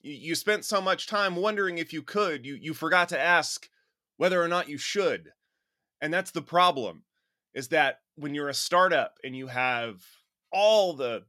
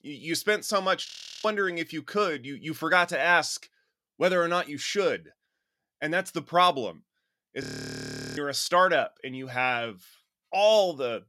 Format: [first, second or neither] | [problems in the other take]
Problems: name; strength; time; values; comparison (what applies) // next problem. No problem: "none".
first | audio freezing; at 1 s and at 7.5 s for 0.5 s